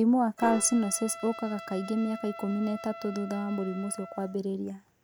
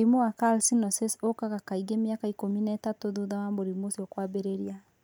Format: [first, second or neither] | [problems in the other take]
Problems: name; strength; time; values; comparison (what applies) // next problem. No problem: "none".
second | background sound (Trumpet + Piano); 13 dB below the speech